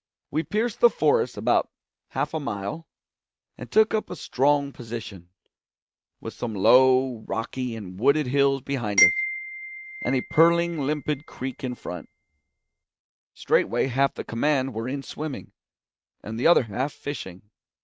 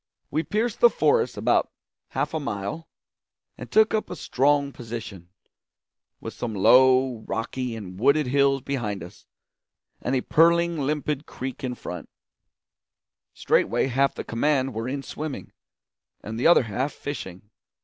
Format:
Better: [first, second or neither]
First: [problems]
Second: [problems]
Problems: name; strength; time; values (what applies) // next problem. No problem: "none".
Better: second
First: noise reduction (neural mask model RNNoise)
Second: none